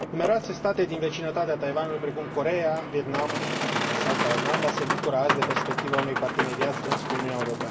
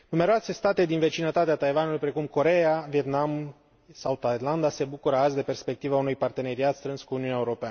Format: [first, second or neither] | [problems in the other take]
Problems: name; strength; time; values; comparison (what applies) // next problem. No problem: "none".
second | background sound (Boat, Water vehicle); 1 dB below the speech // room echo; dies away in 1.5 s